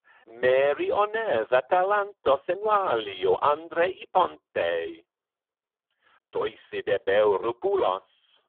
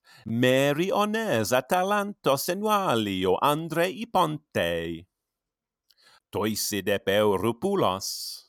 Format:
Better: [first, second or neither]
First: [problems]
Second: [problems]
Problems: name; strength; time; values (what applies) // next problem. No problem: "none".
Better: second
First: phone-call audio; poor line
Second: none